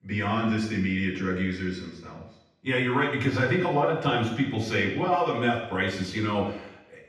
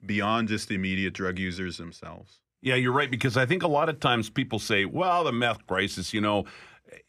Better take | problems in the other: second | room echo; noticeable; dies away in 0.8 s // off-mic speech; far

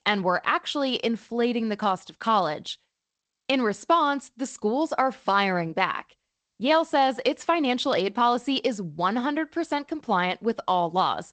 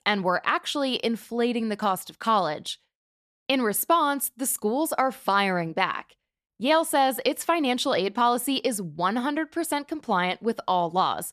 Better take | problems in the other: second | garbled, watery; slightly; nothing above 8 kHz

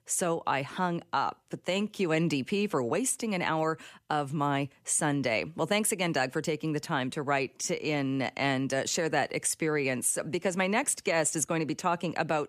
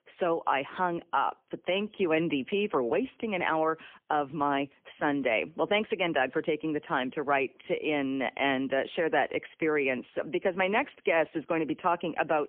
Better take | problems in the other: first | phone-call audio; poor line; nothing above 3 kHz

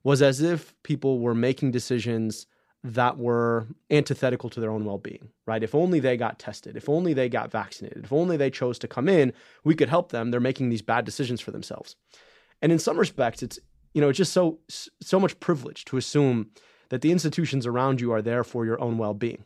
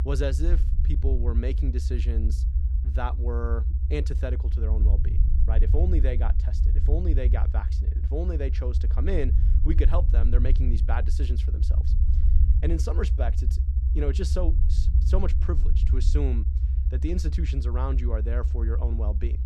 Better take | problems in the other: first | low rumble; loud; throughout; 8 dB below the speech

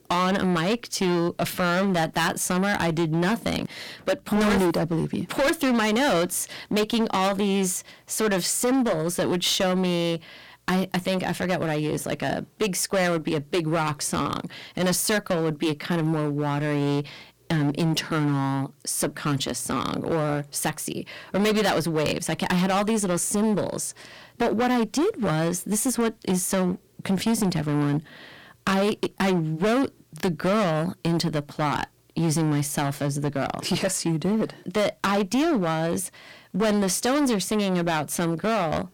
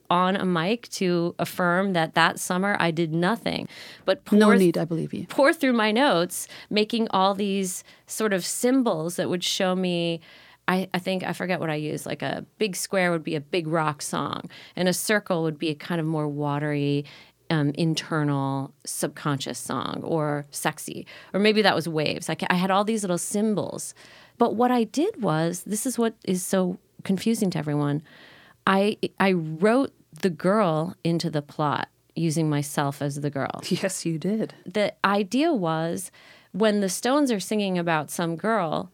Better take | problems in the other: second | distortion; heavy; 15% of the sound clipped

